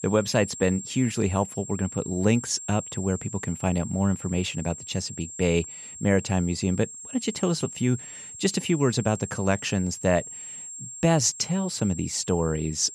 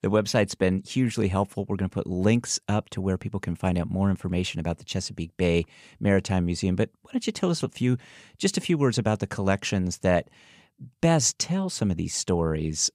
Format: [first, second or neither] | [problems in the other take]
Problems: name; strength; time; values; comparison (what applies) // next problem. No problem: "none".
second | high-pitched whine; noticeable; throughout; 7.5 kHz, 10 dB below the speech